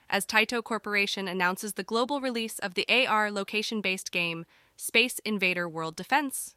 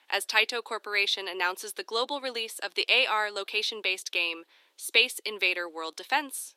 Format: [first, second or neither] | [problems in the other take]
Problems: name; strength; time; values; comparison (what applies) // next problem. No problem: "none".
first | thin; somewhat; fading below 300 Hz